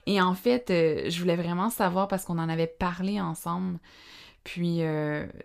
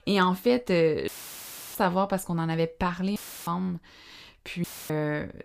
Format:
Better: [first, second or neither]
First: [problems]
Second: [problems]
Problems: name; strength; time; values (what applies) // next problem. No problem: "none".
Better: first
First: none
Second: audio cutting out; filled with static; at 1 s for 0.5 s, at 3 s and at 4.5 s